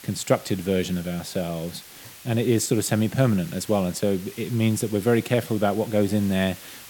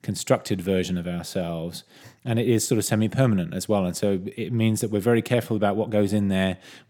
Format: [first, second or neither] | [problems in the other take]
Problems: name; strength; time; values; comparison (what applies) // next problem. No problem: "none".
second | hiss; noticeable; throughout; 20 dB below the speech